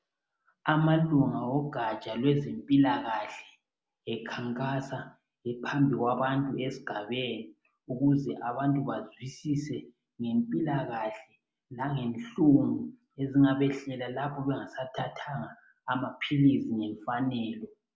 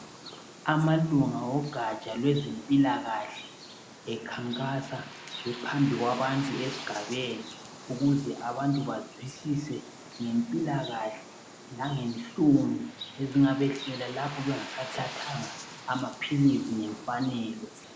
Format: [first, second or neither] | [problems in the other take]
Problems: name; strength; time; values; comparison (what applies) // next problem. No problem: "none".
first | background sound (Bird); 14 dB below the speech